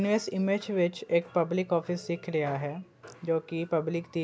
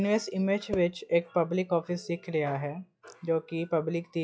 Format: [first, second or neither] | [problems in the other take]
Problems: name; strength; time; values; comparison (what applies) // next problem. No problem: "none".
first | noise reduction (classical method log-MMSE)